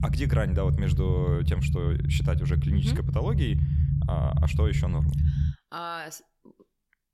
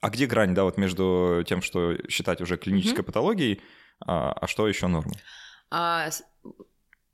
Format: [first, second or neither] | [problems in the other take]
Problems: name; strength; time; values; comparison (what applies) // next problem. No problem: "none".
second | low rumble; loud; until 5.5 s; 3 dB below the speech